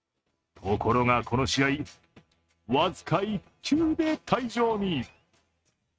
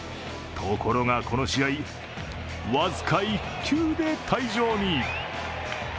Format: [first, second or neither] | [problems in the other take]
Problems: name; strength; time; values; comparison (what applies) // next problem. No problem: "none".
second | noise reduction (neural mask model RNNoise)